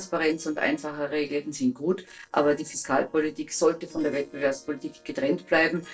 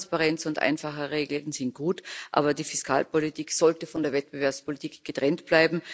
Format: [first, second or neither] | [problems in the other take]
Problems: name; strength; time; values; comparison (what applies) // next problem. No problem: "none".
second | noise reduction (neural separator model SepFormer DNS4)